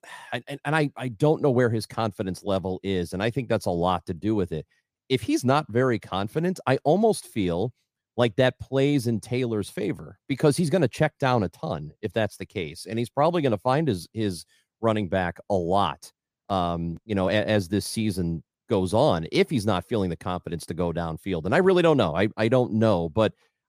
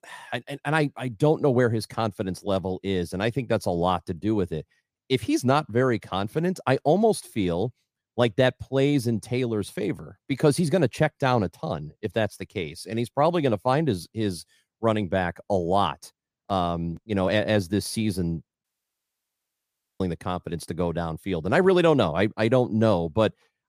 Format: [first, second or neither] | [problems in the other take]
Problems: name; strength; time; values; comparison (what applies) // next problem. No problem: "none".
first | audio cutting out; at 19 s for 1.5 s